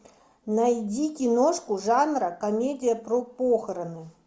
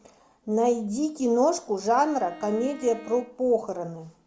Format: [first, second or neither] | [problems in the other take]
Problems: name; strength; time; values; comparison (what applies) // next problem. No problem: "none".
first | background sound (Bowed string instrument); 19 dB below the speech